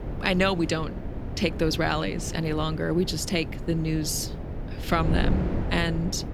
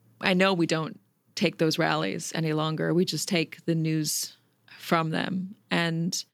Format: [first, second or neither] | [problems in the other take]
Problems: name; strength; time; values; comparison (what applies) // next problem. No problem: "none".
second | wind noise on the microphone; occasional gusts; 10 dB below the speech